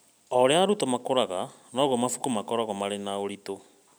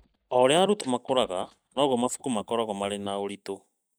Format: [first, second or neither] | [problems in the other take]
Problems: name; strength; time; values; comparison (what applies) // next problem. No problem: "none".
first | noise reduction (neural mask model DeepFilterNet 3)